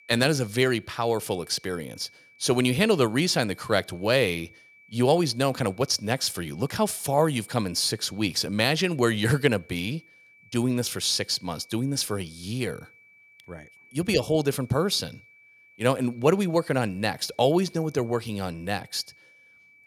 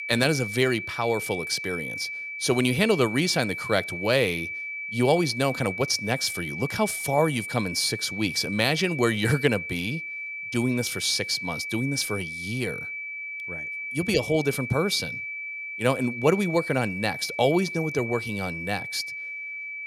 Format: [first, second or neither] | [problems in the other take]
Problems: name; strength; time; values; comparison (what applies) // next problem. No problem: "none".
first | high-pitched whine; loud; throughout; 2.5 kHz, 6 dB below the speech; faint in the first